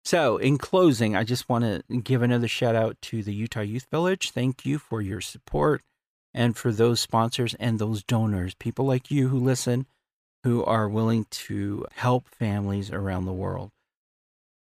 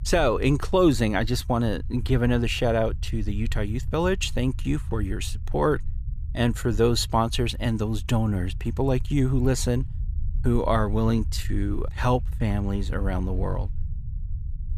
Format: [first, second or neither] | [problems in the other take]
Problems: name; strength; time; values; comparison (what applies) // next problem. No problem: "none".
first | low rumble; faint; throughout; 25 dB below the speech